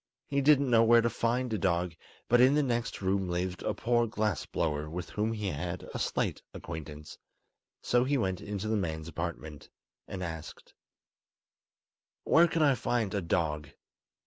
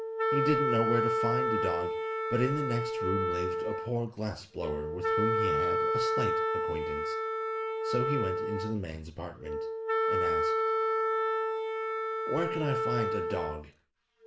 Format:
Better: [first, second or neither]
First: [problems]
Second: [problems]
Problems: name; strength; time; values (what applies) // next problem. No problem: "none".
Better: first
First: none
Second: background sound (Wind instrument, woodwind instrument); 5 dB above the speech // room echo; dies away in 0.4 s